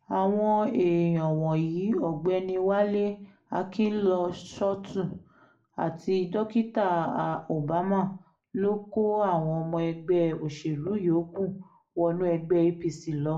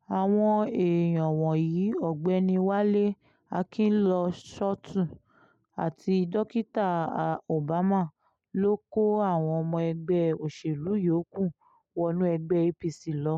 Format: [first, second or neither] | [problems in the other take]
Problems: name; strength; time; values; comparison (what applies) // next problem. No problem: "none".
second | room echo; dies away in 0.3 s